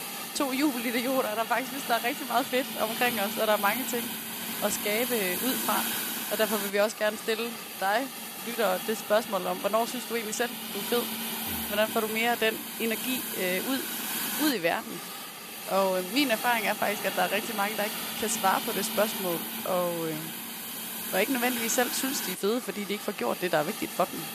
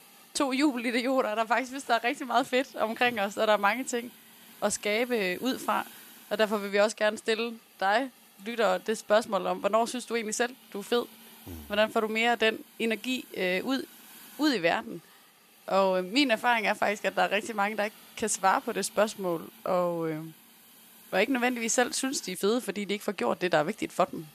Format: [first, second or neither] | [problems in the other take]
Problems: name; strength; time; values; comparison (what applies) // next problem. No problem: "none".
second | hiss; loud; throughout; 4 dB below the speech; faint in the second